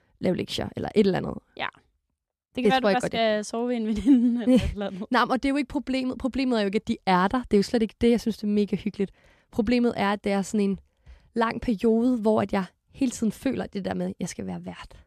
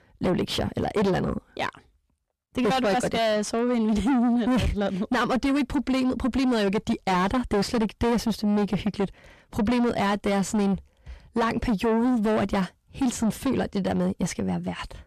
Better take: first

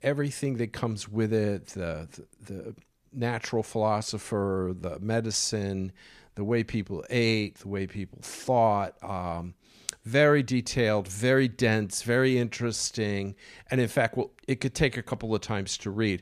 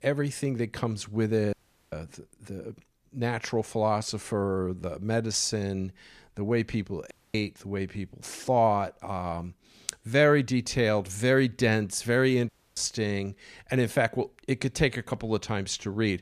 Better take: first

